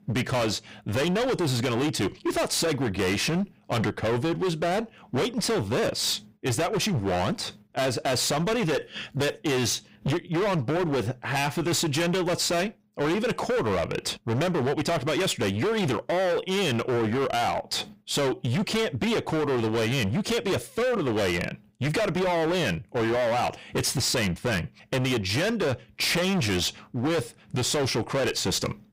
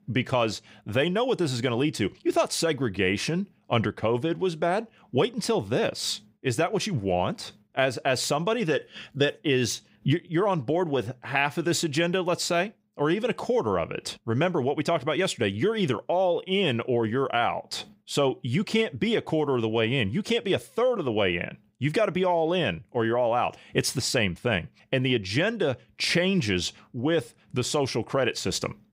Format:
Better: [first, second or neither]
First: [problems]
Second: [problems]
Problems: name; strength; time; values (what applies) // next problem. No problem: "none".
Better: second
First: distortion; heavy; 30% of the sound clipped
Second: none